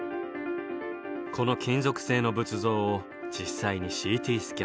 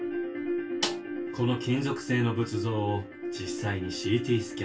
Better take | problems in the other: first | background sound (Snare drum); 9 dB below the speech // room echo; dies away in 0.2 s

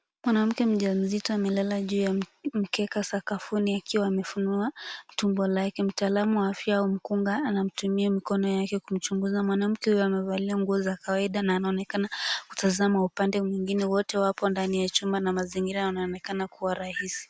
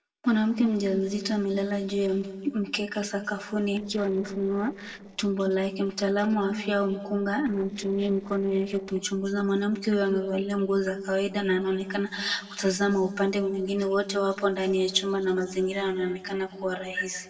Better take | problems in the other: first | noise reduction (neural separator model SepFormer DNS4)

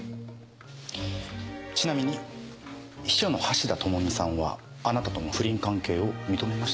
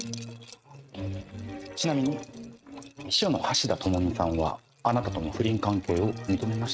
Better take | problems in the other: first | noise reduction (neural mask model RNNoise)

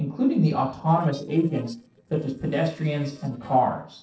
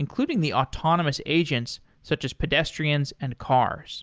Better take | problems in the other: second | noise reduction (neural separator model SepFormer DNS4)

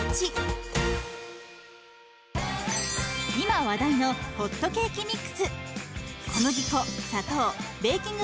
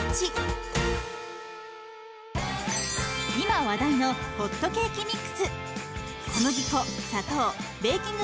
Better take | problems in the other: first | background sound (Wind instrument, woodwind instrument); 12 dB below the speech

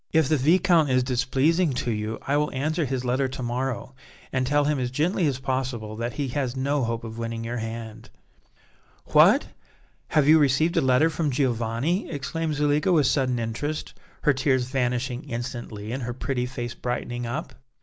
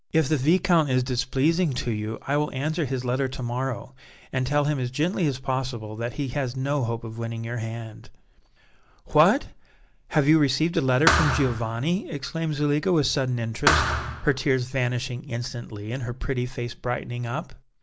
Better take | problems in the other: first | background sound (Thump, thud); 1 dB below the speech

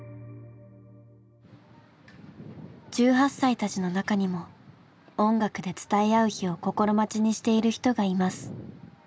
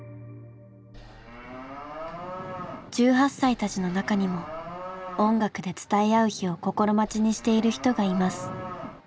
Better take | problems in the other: first | background sound (Livestock, farm animals, working animals); 12 dB below the speech

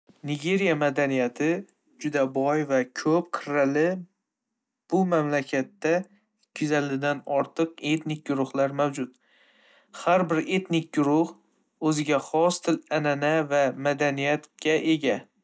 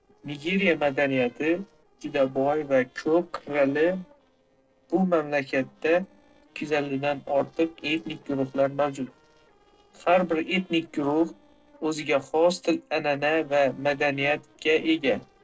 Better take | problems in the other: first | noise reduction (neural separator model SepFormer DNS4)

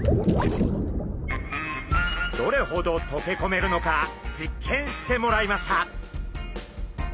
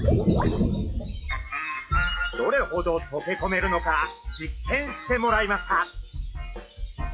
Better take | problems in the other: first | noise reduction (classical method log-MMSE)

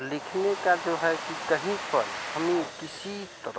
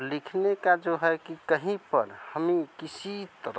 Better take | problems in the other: second | background sound (Domestic sounds, home sounds); 8 dB below the speech

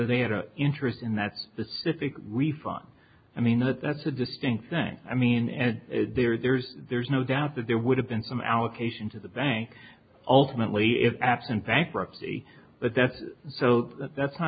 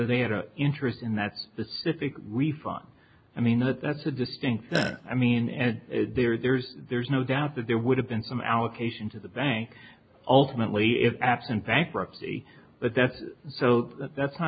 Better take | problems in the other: first | background sound (Burping, eructation); 4 dB below the speech

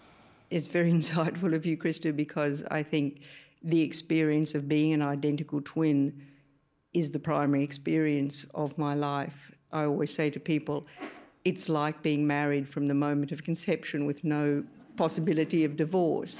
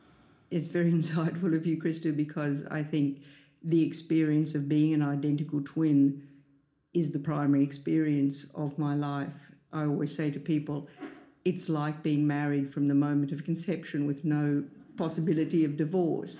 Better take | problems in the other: first | room echo; dies away in 0.4 s

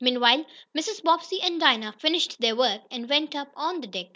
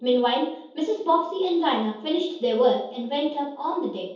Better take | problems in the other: first | room echo; dies away in 0.7 s

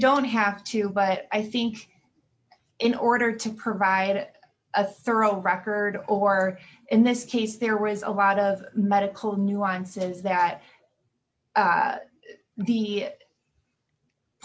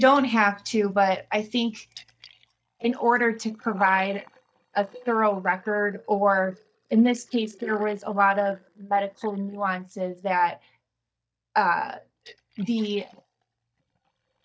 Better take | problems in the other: first | noise reduction (neural mask model DeepFilterNet 3)

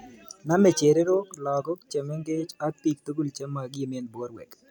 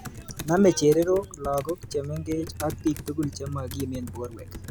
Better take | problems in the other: first | background sound (Computer keyboard); 12 dB below the speech

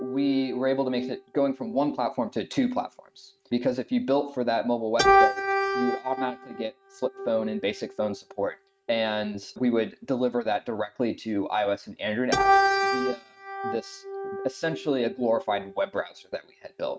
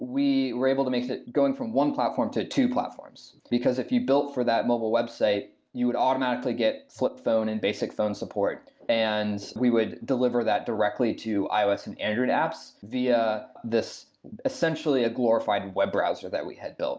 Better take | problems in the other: second | noise reduction (neural mask model RNNoise)

